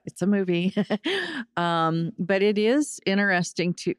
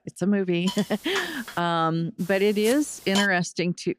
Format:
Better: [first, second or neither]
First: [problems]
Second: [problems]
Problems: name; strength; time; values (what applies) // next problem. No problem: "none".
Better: first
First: none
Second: hiss; loud; at 0.5 s and from 2 to 3.5 s; 9 dB below the speech